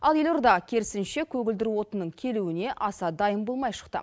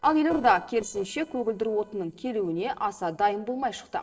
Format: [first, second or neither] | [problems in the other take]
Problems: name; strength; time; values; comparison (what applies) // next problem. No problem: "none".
first | noise reduction (neural separator model SepFormer DNS4)